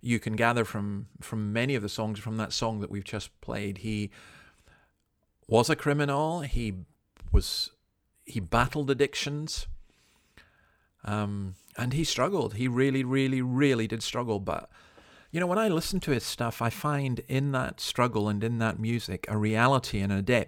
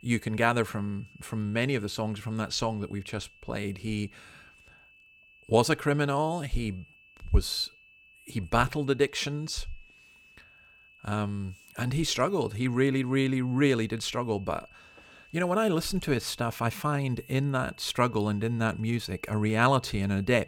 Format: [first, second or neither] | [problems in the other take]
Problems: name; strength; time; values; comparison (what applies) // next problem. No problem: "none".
first | high-pitched whine; faint; throughout; 2.5 kHz, 25 dB below the speech